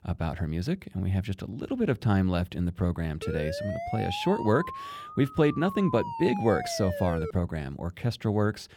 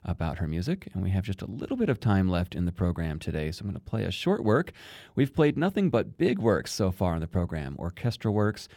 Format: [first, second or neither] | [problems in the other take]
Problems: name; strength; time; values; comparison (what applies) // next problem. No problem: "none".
second | siren; noticeable; from 3 to 7.5 s; peak 6 dB below the speech